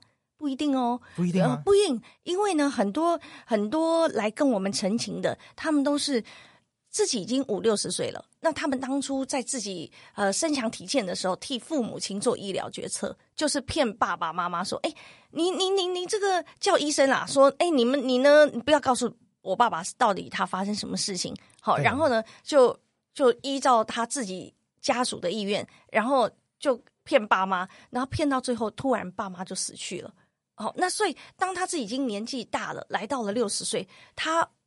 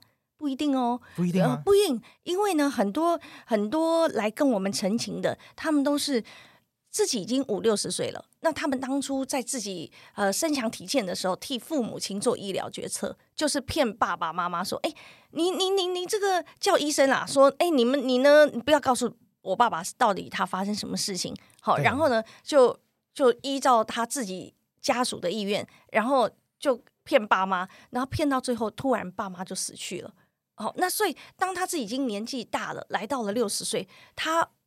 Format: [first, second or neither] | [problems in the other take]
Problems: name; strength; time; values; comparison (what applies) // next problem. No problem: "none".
second | garbled, watery; slightly; nothing above 11 kHz